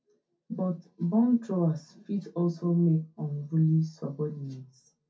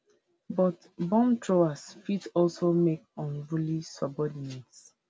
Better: second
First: room echo; dies away in 0.3 s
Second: none

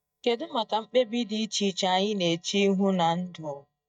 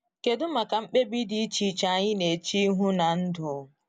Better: second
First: noise reduction (neural mask model DeepFilterNet 3)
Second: none

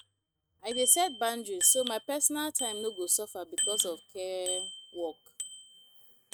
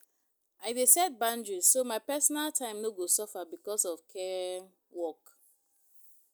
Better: second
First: noise reduction (neural mask model RNNoise)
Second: none

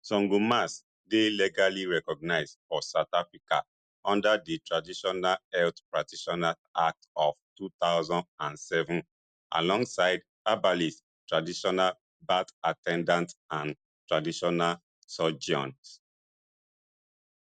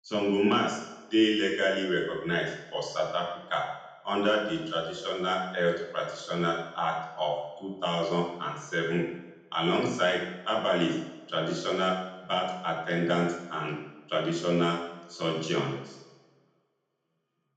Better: first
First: none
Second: room echo; dies away in 0.9 s

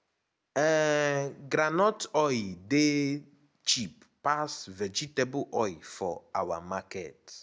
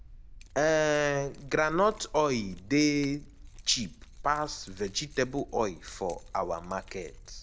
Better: first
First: none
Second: background sound (Keys jangling); 17 dB below the speech

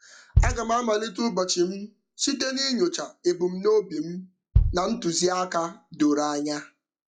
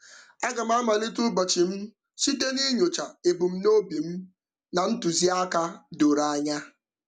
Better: second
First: noise reduction (classical method log-MMSE)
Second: none

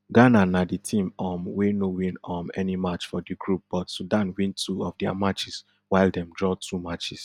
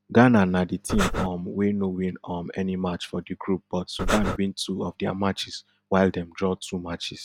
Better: first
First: none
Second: background sound (Breathing); as loud as the speech

